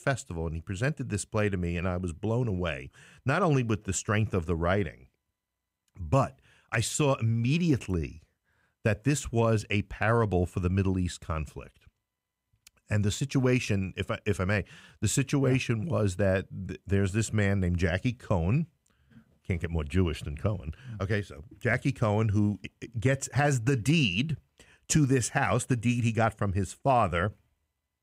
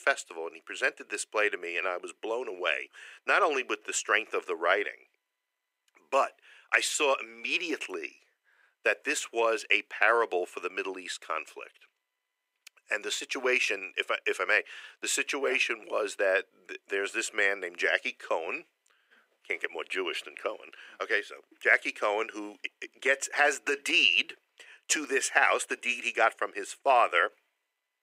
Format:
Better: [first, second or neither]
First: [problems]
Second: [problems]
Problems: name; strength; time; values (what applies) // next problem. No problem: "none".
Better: first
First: none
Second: thin; very; fading below 350 Hz